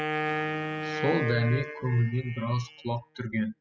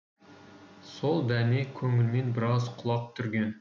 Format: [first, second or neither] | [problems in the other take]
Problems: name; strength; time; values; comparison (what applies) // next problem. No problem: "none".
second | noise reduction (classical method spectral subtraction)